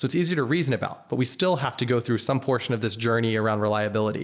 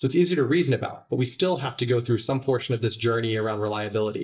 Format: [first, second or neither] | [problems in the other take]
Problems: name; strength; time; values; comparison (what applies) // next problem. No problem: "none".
first | noise reduction (neural mask model DeepFilterNet 3)